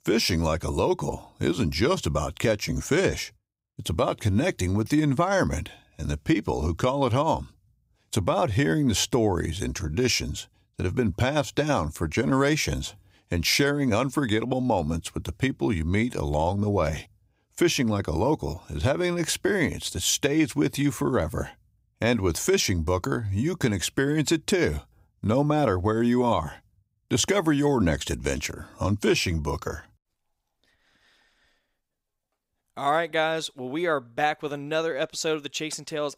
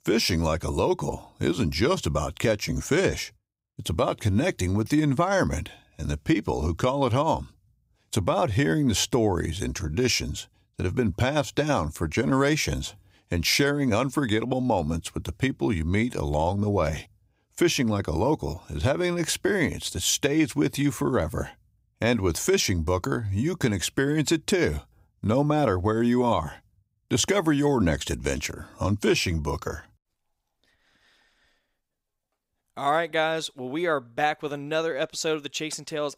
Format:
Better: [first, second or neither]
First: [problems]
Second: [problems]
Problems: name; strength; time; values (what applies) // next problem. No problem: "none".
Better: neither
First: none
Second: none